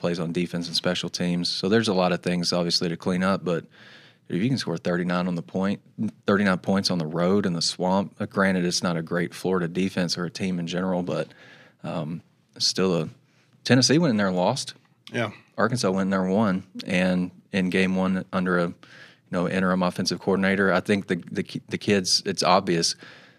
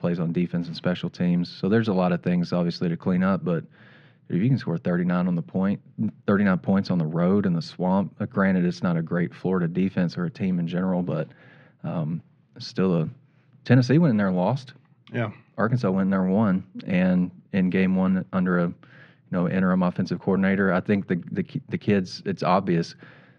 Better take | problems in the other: first | muffled; slightly; fading above 2.5 kHz

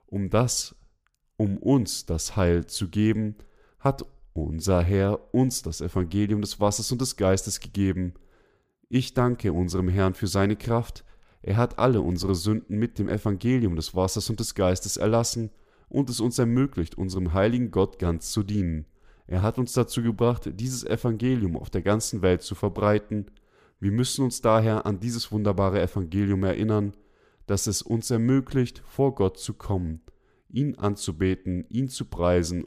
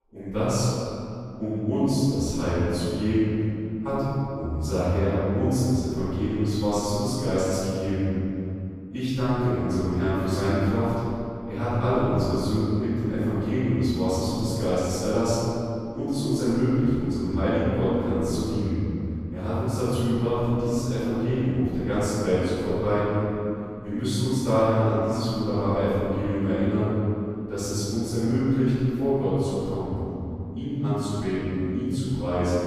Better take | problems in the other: first | room echo; strong; dies away in 2.6 s // off-mic speech; far

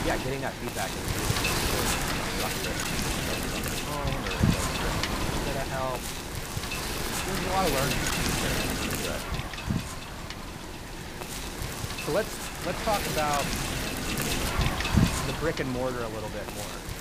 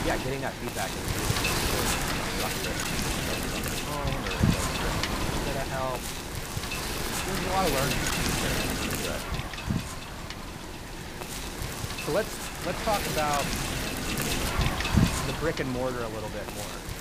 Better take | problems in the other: neither | wind noise on the microphone; heavy; 3 dB above the speech; the same in both

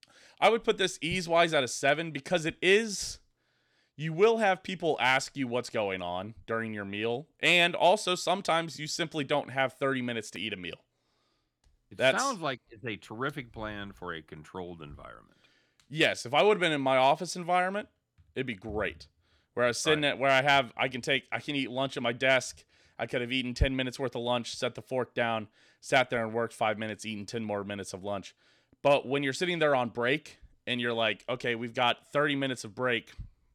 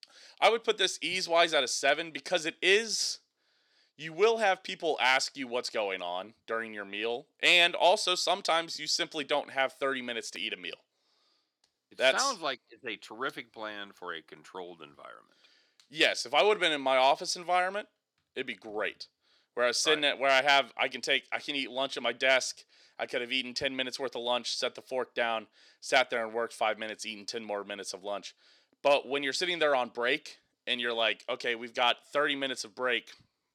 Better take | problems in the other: first | thin; somewhat; fading below 350 Hz

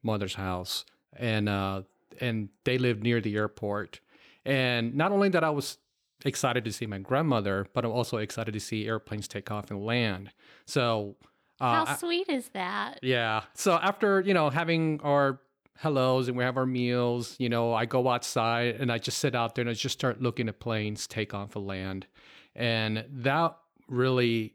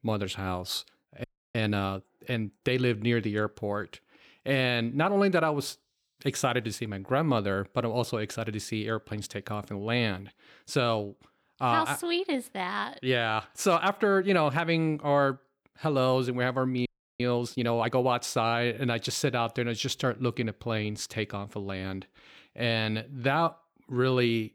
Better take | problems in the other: first | audio freezing; at 1 s and at 17 s

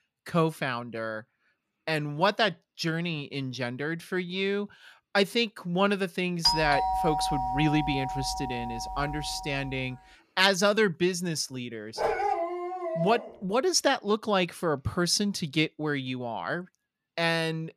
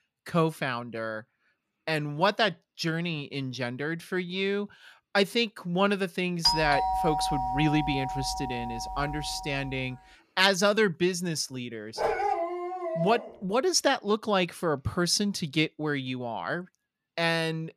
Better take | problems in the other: neither | doorbell; loud; from 6.5 to 9.5 s; peak 4 dB above the speech; the same in both // dog barking; loud; from 12 to 13 s; peak 1 dB above the speech; the same in both

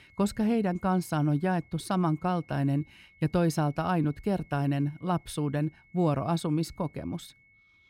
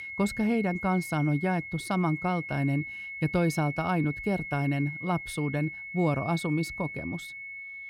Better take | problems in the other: first | high-pitched whine; loud; throughout; 2 kHz, 8 dB below the speech; faint in the first

